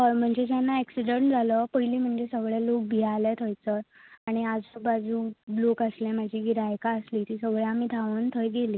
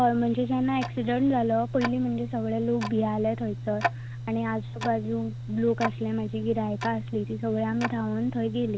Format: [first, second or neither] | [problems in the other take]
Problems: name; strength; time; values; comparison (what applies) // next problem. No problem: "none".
first | background sound (Tick-tock); 8 dB below the speech